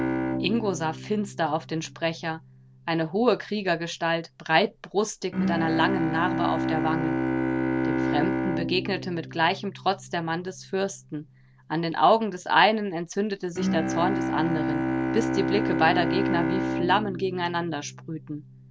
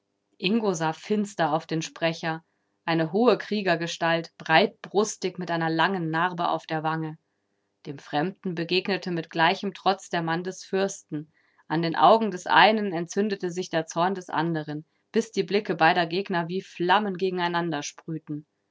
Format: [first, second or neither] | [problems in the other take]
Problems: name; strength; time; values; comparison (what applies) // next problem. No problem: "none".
second | background sound (Bowed string instrument); 2 dB below the speech